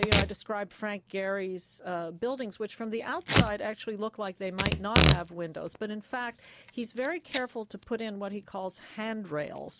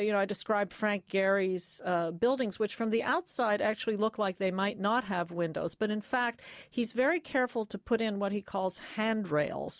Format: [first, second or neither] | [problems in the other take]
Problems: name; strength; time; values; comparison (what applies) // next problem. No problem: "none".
second | background sound (Packing tape, duct tape / Tearing); 2 dB above the speech